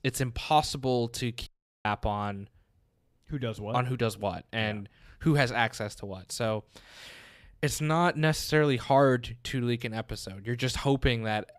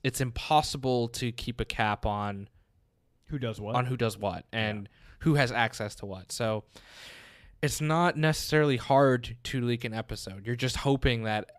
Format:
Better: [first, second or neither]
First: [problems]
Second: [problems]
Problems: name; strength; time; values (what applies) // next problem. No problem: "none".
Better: second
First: audio cutting out; at 1.5 s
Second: none